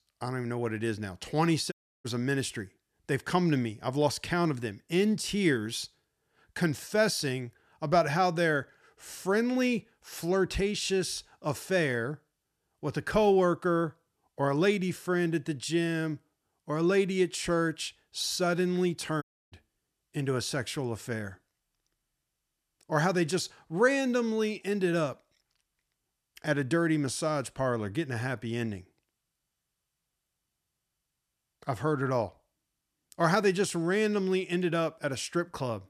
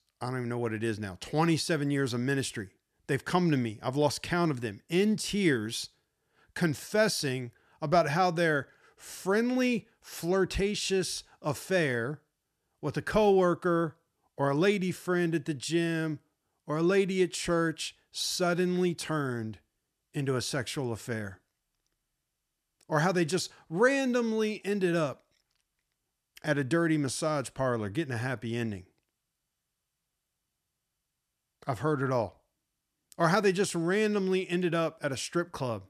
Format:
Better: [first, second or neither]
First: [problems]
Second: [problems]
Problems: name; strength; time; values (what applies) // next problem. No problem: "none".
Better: second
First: audio cutting out; at 1.5 s and at 19 s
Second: none